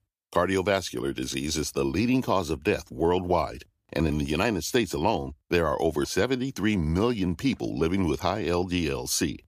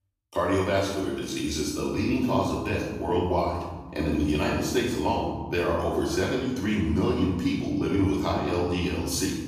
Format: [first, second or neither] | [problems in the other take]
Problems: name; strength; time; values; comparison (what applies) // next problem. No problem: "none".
first | room echo; noticeable; dies away in 1.1 s // off-mic speech; far